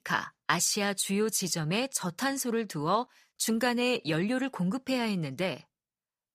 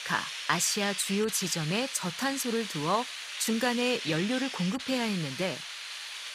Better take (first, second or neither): first